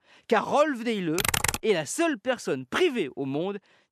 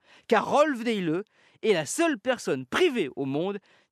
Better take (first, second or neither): second